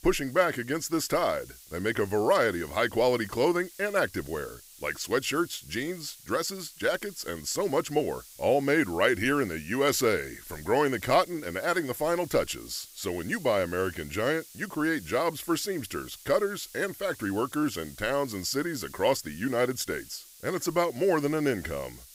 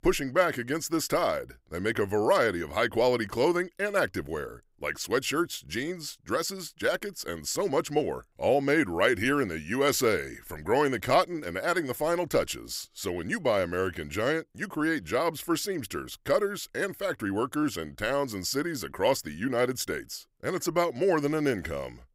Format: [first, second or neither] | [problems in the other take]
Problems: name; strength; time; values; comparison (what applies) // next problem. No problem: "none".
second | hiss; noticeable; throughout; 20 dB below the speech